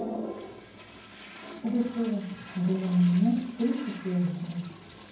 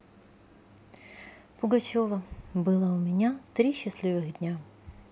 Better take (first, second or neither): second